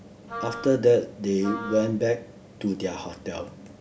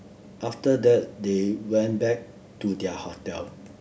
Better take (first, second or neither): second